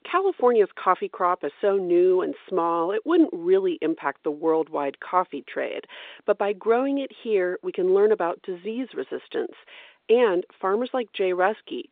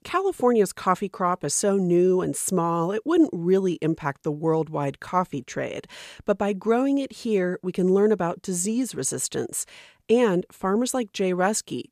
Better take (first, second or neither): second